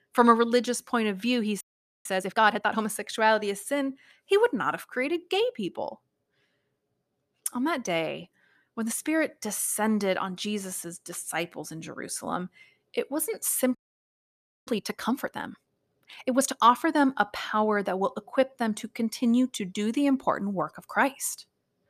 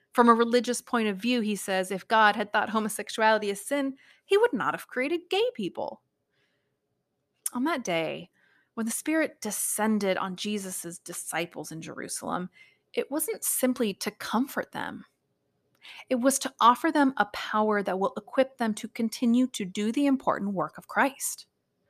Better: second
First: audio freezing; at 1.5 s and at 14 s for 1 s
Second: none

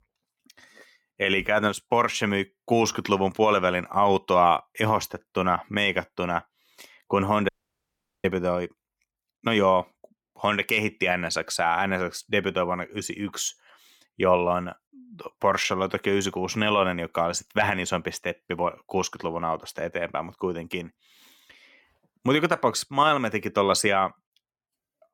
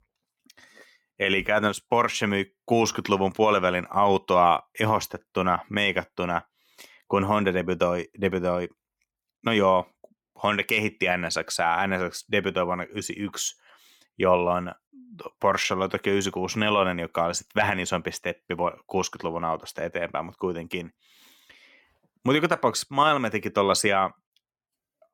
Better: second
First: audio cutting out; at 7.5 s for 1 s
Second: none

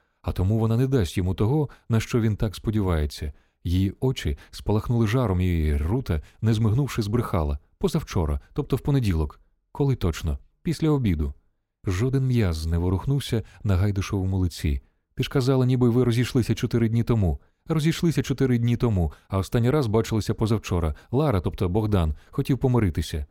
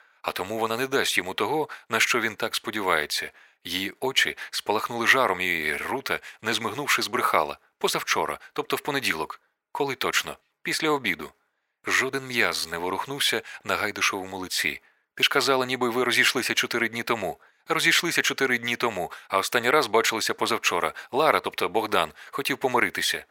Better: first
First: none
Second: thin; very; fading below 750 Hz

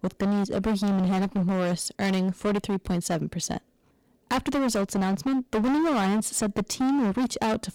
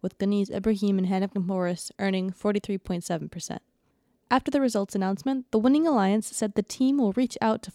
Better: second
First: distortion; heavy; 26% of the sound clipped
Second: none

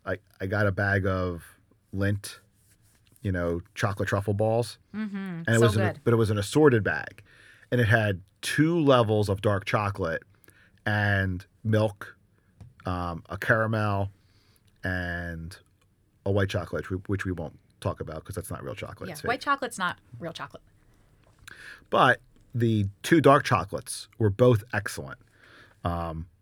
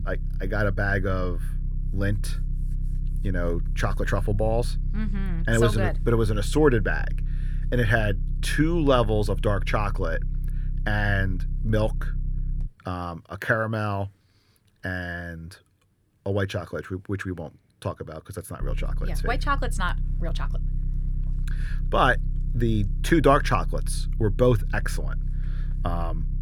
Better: first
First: none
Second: low rumble; faint; until 13 s and from 19 s on; 20 dB below the speech

